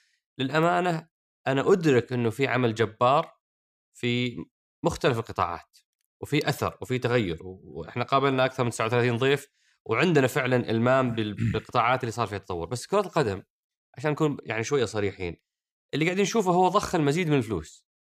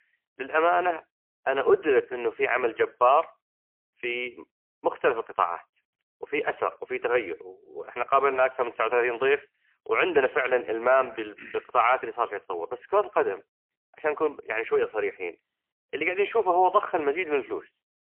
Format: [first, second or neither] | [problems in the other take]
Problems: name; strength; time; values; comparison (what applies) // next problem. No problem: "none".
first | phone-call audio; poor line; nothing above 3 kHz